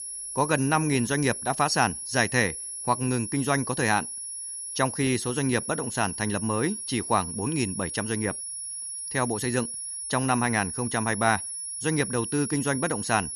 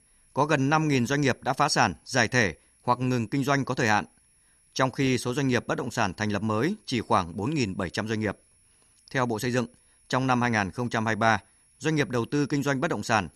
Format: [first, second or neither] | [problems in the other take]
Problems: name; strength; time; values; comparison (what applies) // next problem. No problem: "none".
second | high-pitched whine; loud; throughout; 10.5 kHz, 6 dB below the speech; faint in the second